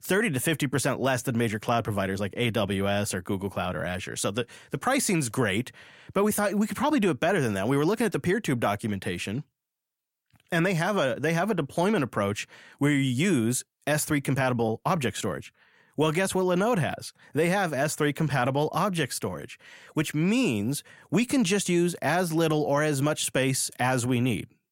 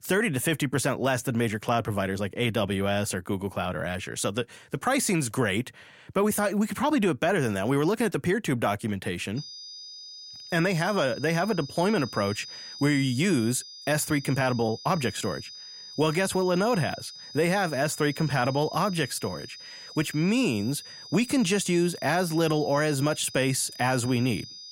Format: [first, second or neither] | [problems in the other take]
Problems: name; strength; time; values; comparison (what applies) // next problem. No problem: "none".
first | high-pitched whine; noticeable; from 9.5 s on; 5 kHz, 15 dB below the speech